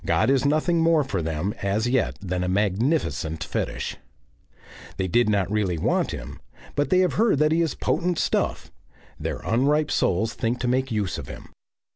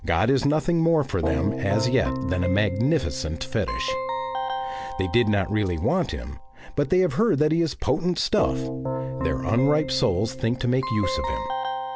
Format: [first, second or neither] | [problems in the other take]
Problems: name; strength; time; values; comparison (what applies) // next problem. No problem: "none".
first | background sound (Keyboard (musical)); 7 dB below the speech